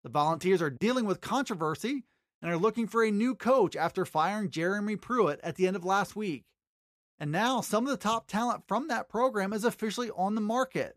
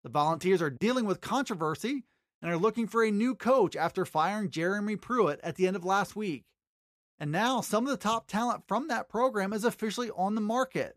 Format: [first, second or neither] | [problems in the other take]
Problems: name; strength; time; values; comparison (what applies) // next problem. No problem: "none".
neither | none